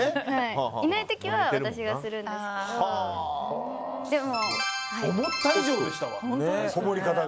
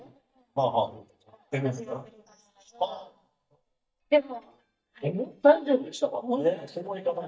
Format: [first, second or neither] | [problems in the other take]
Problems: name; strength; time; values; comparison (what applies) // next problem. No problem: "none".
first | noise reduction (neural mask model DeepFilterNet 3)